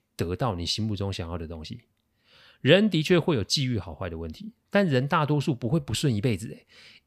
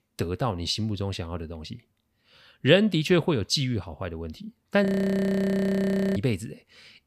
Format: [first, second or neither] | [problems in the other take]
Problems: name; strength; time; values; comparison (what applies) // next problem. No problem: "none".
first | audio freezing; at 5 s for 1.5 s